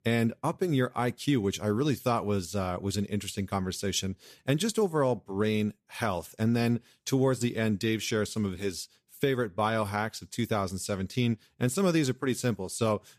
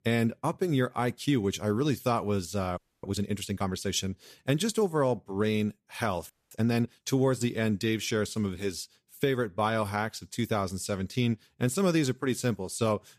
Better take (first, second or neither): first